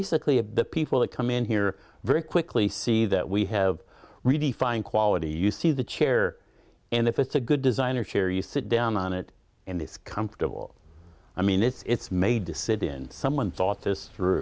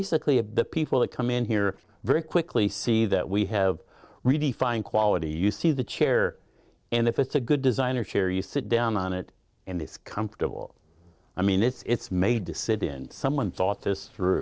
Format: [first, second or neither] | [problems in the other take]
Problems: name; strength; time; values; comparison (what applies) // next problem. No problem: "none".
first | noise reduction (neural separator model SepFormer DNS4)